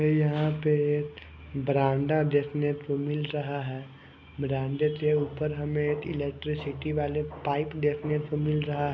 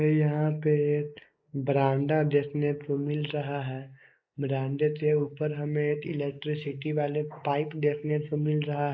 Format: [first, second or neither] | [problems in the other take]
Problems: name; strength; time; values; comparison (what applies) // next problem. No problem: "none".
first | noise reduction (neural mask model Resemble Enhance denoiser)